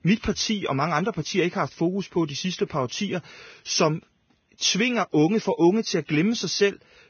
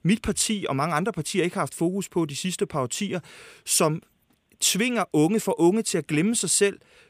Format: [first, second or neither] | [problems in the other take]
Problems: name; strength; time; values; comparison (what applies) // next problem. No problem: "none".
second | garbled, watery; badly; nothing above 6.5 kHz